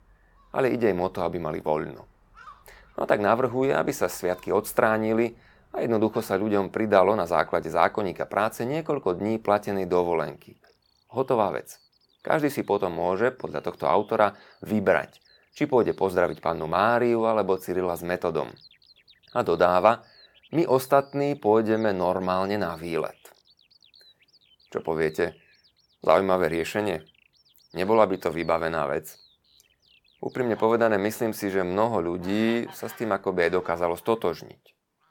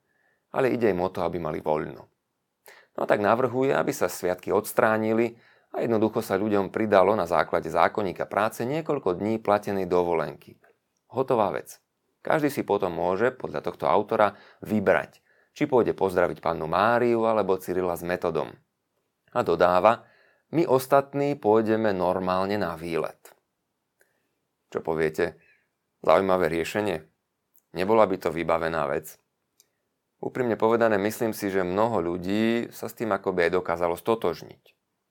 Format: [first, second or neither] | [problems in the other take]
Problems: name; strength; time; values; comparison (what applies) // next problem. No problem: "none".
second | animal sounds; faint; throughout; 30 dB below the speech